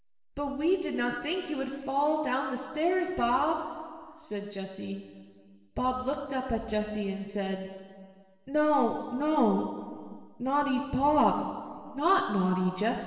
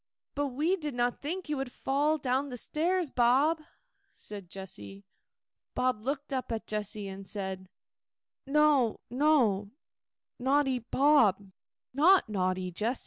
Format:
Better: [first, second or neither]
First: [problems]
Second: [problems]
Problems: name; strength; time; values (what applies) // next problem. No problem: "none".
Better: second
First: room echo; dies away in 2.1 s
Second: none